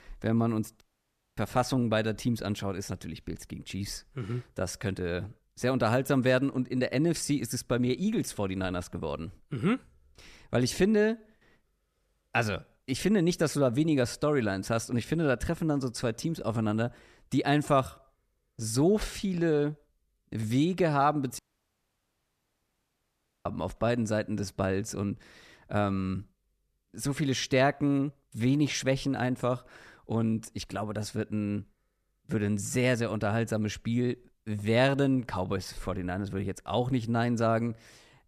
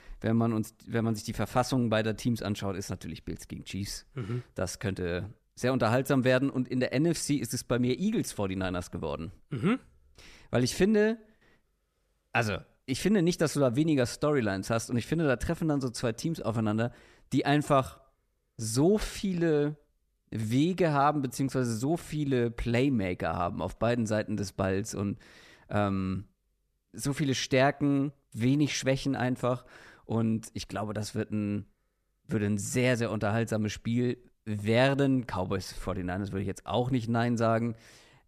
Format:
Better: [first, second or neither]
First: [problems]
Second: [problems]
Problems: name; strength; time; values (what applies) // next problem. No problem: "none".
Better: second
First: audio cutting out; at 1 s for 0.5 s and at 21 s for 2 s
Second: none